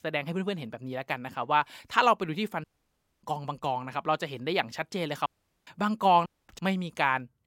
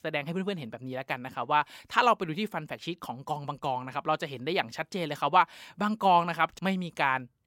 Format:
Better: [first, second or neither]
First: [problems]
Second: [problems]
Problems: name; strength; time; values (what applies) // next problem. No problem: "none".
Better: second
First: audio cutting out; at 2.5 s for 0.5 s, at 5.5 s and at 6.5 s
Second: none